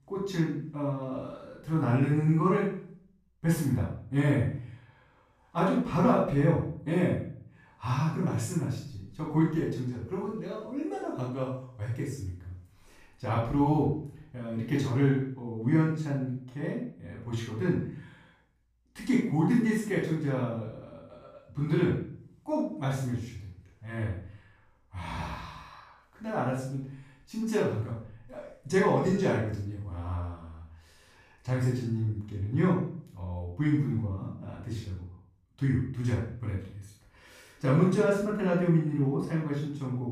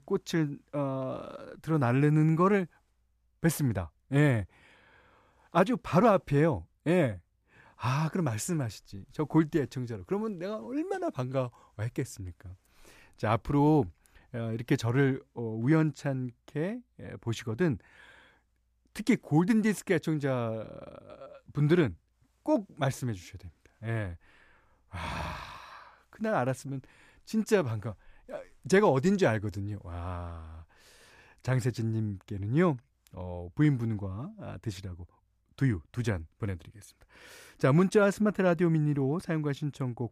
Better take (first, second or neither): second